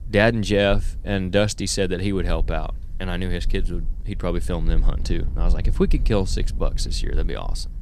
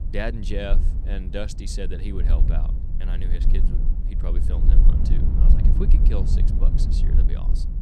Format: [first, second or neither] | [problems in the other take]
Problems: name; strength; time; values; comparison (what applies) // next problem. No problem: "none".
first | low rumble; loud; throughout; 4 dB below the speech; faint in the first